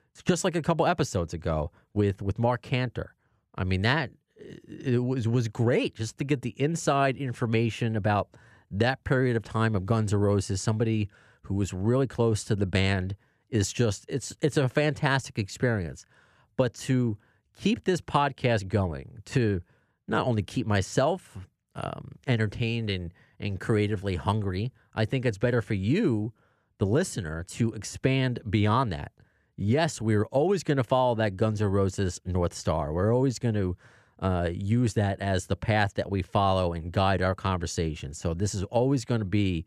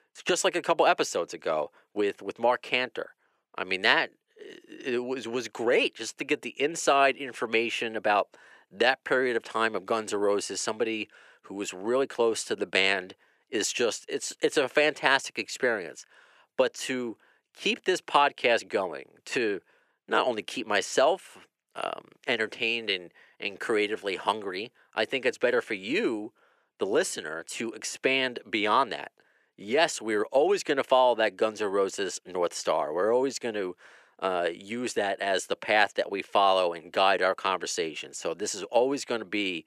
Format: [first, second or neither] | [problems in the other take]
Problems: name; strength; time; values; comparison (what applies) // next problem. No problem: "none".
first | thin; very; fading below 350 Hz